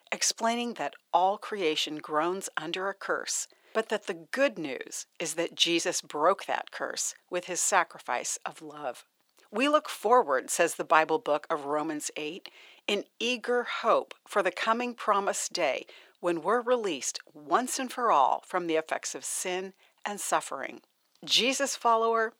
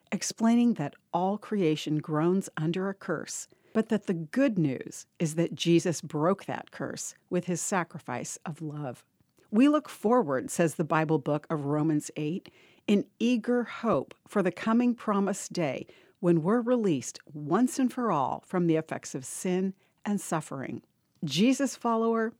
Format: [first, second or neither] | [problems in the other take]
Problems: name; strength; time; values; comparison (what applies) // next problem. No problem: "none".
second | thin; very; fading below 700 Hz